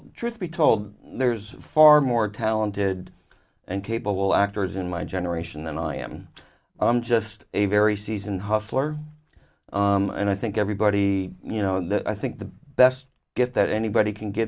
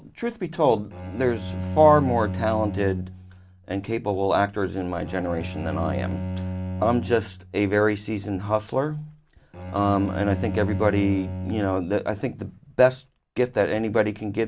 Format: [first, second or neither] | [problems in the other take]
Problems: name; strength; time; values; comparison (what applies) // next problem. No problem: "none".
first | background sound (Bowed string instrument); 8 dB below the speech